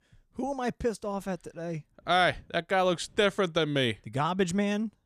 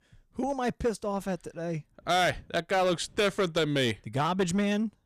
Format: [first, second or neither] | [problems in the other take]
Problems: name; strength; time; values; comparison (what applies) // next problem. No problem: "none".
first | distortion; slight; 7% of the sound clipped